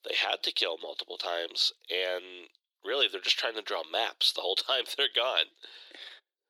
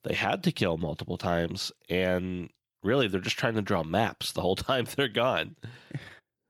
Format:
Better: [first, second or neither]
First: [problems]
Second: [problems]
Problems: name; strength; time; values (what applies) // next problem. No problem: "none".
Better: second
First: thin; very; fading below 400 Hz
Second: none